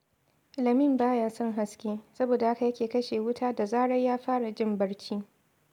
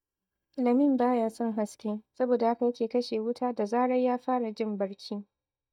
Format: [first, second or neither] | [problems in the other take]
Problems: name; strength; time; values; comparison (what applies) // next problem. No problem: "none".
first | noise reduction (neural mask model DeepFilterNet 3)